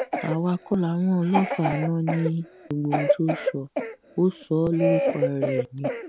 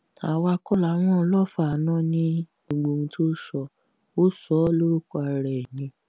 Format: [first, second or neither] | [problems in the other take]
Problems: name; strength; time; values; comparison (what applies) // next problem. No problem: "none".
second | background sound (Cough); 3 dB below the speech